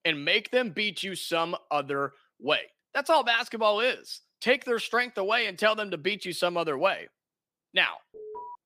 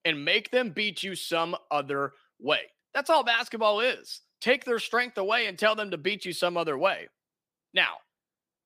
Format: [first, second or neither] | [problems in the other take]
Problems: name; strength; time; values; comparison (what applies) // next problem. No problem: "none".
second | alarm; faint; at 8 s; peak 15 dB below the speech